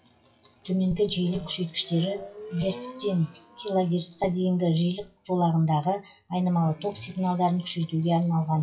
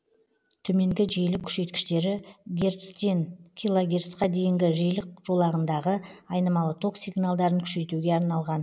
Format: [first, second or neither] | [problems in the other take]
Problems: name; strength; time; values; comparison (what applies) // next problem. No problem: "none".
second | noise reduction (classical method WPE with log-MMSE)